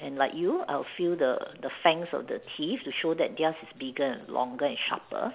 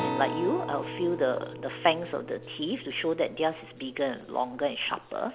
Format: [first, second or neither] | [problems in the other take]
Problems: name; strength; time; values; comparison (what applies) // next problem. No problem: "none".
first | background sound (Acoustic guitar); 9 dB below the speech